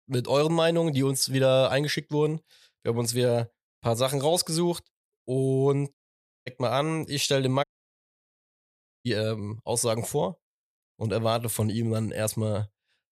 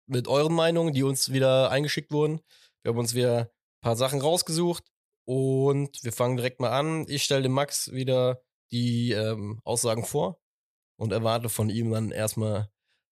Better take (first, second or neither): second